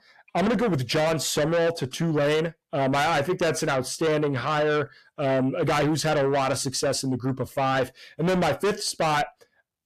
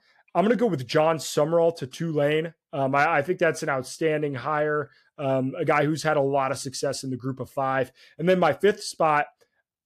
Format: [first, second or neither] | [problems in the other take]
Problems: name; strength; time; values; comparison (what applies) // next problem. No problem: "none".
second | distortion; heavy; 6 dB below the speech